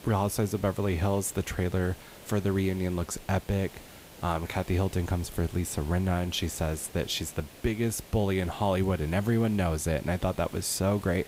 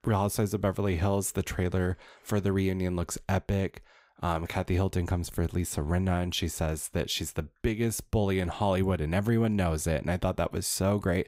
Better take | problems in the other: second | hiss; noticeable; throughout; 20 dB below the speech

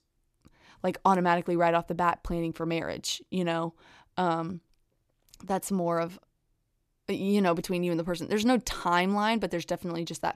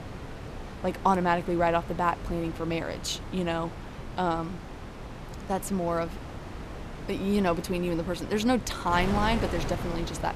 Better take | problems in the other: first | wind noise on the microphone; occasional gusts; 10 dB below the speech

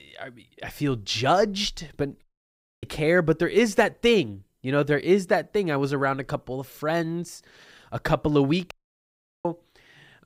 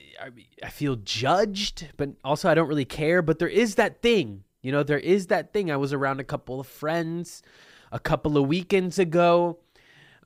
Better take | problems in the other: second | audio cutting out; at 2 s for 0.5 s and at 8.5 s for 0.5 s

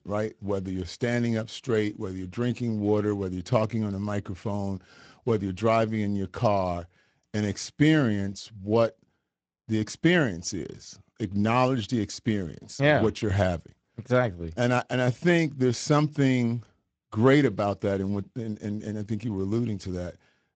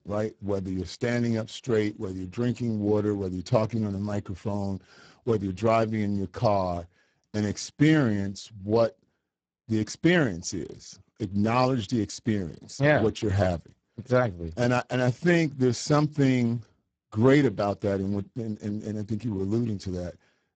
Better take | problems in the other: first | garbled, watery; badly; nothing above 7.5 kHz; slightly in the first

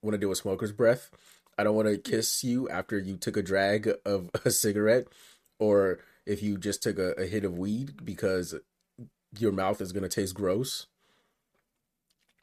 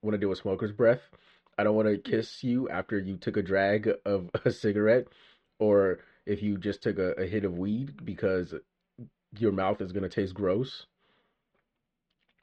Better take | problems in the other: first | muffled; very; fading above 3 kHz

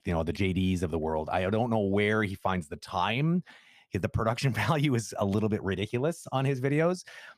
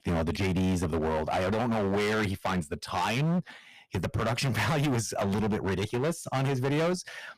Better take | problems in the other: first | distortion; heavy; 26% of the sound clipped

